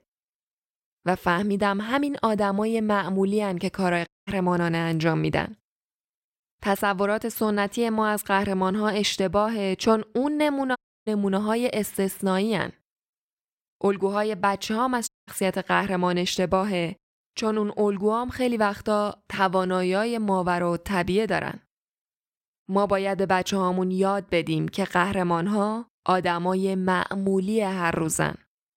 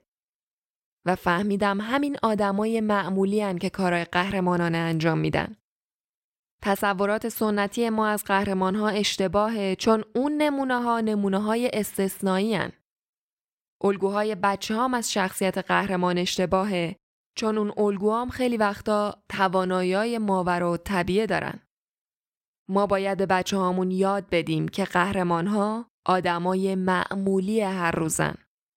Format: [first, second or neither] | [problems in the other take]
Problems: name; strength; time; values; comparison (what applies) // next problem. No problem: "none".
second | audio cutting out; at 4 s, at 11 s and at 15 s